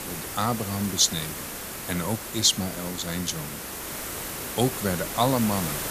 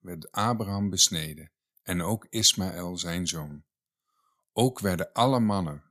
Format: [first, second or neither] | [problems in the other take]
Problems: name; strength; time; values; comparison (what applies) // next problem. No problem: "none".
second | hiss; loud; throughout; 6 dB below the speech